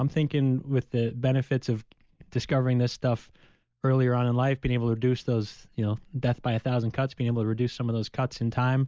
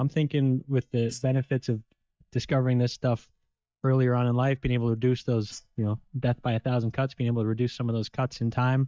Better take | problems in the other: first | noise reduction (neural mask model DeepFilterNet 3)

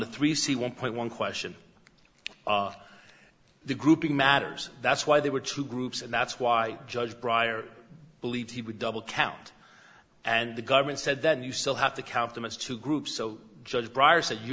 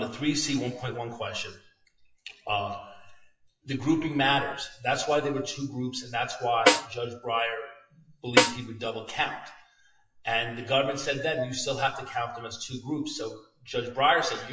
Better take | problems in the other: first | noise reduction (classical method WPE with log-MMSE)

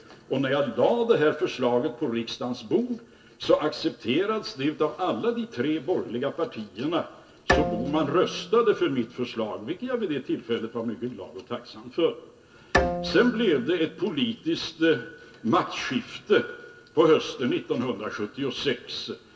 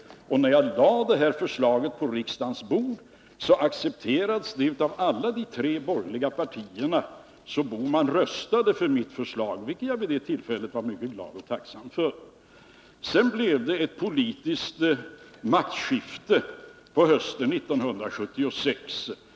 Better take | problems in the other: second | background sound (Bowed string instrument); 6 dB below the speech // room echo; dies away in 0.2 s

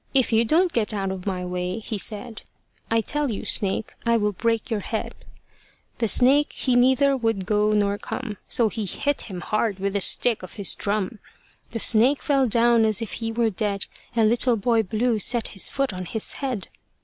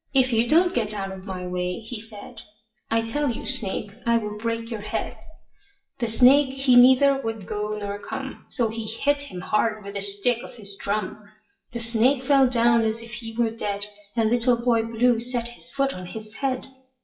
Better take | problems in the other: first | noise reduction (classical method WPE with log-MMSE)

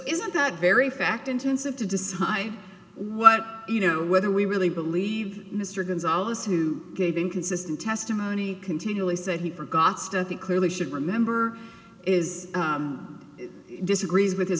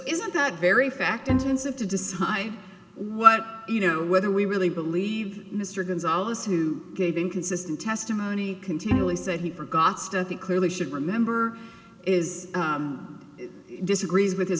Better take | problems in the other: first | background sound (Bowed string instrument); 5 dB below the speech

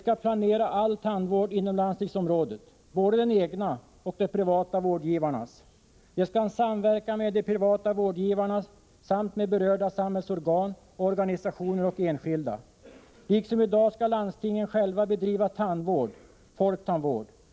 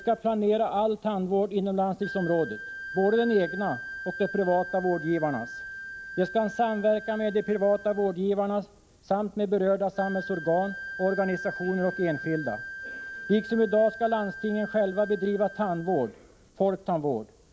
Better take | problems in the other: first | background sound (Wind instrument, woodwind instrument); 13 dB below the speech

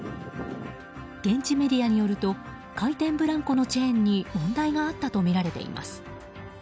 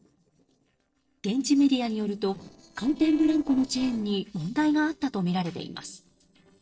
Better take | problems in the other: first | noise reduction (neural separator model SepFormer DNS4)

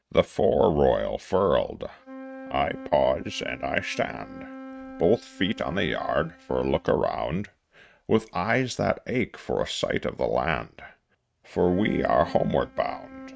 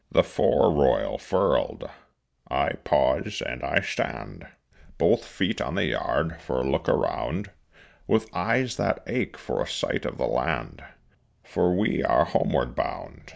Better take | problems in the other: second | noise reduction (neural mask model RNNoise)

